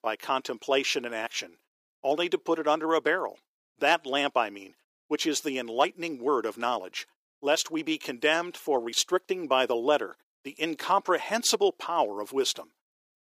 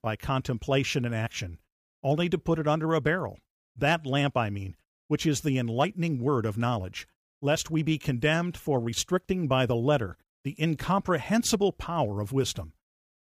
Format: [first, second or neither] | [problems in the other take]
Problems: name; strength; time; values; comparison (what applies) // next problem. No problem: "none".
second | thin; somewhat; fading below 350 Hz